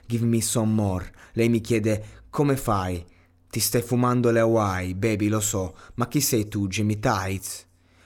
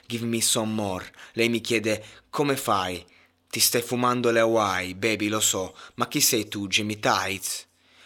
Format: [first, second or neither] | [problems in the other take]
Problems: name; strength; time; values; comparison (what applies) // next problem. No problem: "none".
first | thin; very slightly; fading below 900 Hz